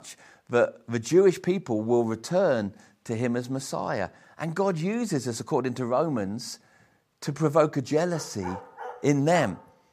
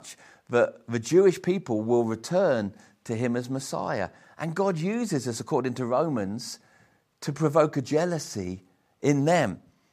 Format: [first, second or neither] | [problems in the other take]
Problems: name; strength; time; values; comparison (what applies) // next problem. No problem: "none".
second | dog barking; faint; from 8 s on; peak 10 dB below the speech